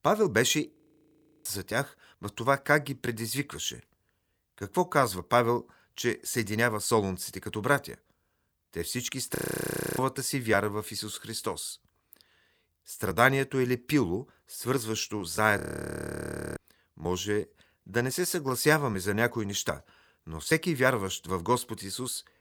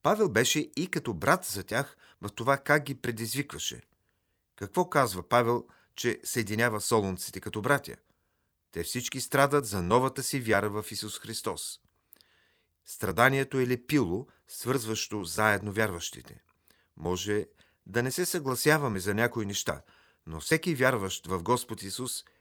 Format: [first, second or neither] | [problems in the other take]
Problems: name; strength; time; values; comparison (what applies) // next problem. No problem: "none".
second | audio freezing; at 0.5 s for 0.5 s, at 9.5 s for 0.5 s and at 16 s for 1 s